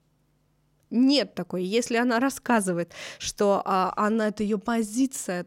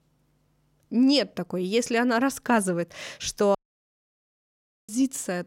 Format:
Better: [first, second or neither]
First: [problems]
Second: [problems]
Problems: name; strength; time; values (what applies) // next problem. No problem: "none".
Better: first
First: none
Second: audio cutting out; at 3.5 s for 1.5 s